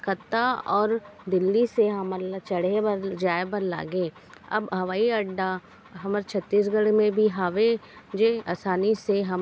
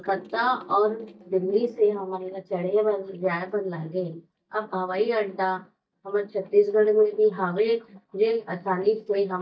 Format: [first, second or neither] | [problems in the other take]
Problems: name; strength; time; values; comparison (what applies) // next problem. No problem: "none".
first | noise reduction (neural mask model DeepFilterNet 3)